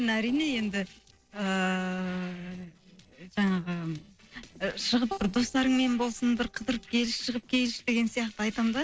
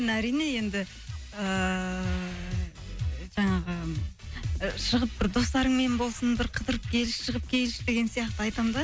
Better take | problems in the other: second | noise reduction (neural separator model SepFormer DNS4)

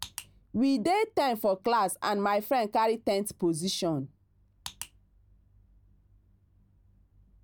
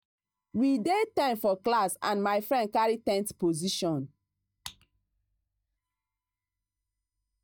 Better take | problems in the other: first | noise reduction (neural mask model DeepFilterNet 3)

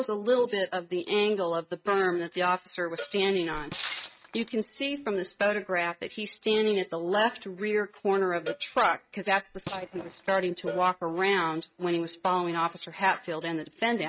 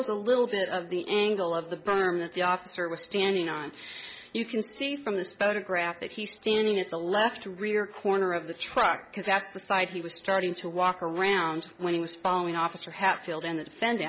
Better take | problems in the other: second | noise reduction (neural mask model RNNoise)

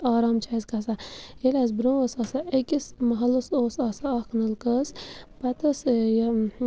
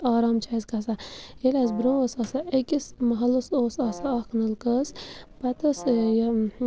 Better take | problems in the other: first | background sound (Brass instrument); 17 dB below the speech

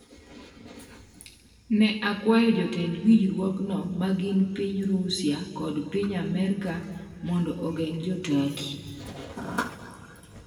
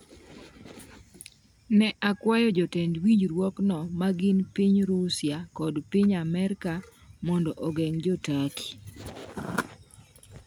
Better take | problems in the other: second | room echo; dies away in 1.9 s

